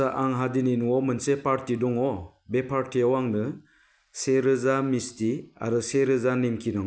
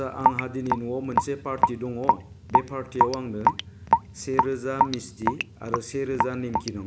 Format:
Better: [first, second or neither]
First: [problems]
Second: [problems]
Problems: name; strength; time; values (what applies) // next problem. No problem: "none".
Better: first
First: none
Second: background sound (Raindrop / Drip); 5 dB above the speech